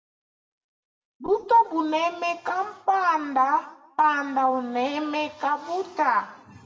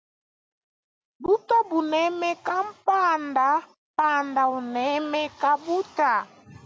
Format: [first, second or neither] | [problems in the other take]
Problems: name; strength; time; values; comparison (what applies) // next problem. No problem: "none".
second | room echo; dies away in 0.7 s